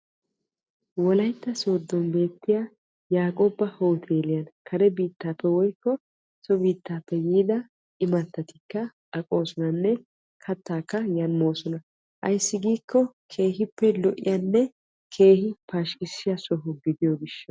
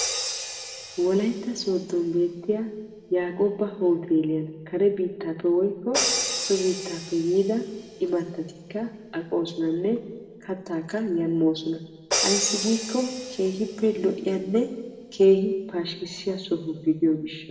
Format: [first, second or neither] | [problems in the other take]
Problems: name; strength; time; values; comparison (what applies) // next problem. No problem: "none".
first | background sound (Crash cymbal); 9 dB below the speech // room echo; dies away in 1.2 s